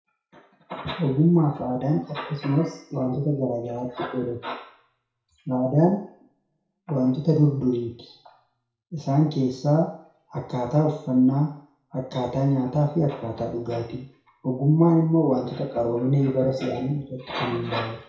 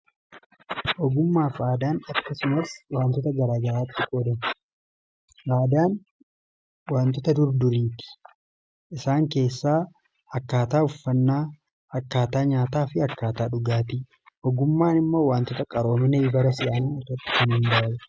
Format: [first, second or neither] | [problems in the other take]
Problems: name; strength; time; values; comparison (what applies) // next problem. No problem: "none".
second | room echo; dies away in 0.6 s